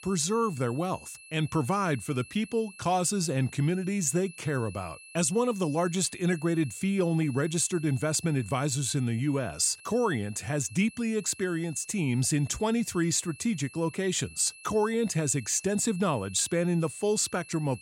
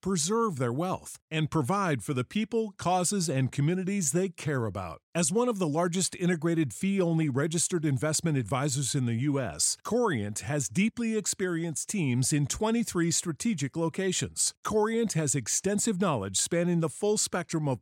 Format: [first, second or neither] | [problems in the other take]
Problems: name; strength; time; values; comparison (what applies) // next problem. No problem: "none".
second | high-pitched whine; noticeable; throughout; 2.5 kHz, 20 dB below the speech